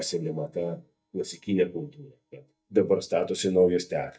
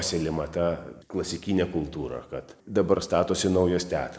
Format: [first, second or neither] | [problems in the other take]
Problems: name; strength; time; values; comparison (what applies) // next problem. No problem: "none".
second | noise reduction (neural mask model DeepFilterNet 3)